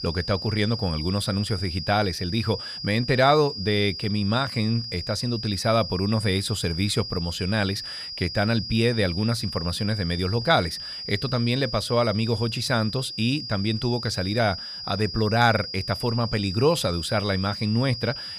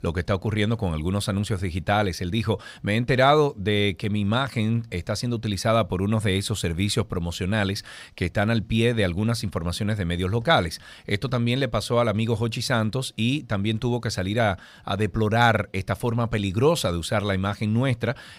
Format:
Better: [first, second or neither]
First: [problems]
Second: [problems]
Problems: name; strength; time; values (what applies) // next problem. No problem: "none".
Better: second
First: high-pitched whine; loud; throughout; 5 kHz, 7 dB below the speech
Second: none